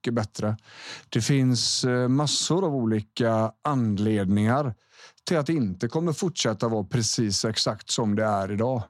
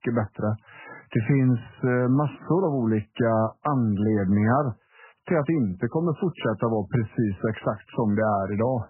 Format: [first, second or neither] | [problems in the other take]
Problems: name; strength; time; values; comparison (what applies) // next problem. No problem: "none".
first | garbled, watery; badly; nothing above 3 kHz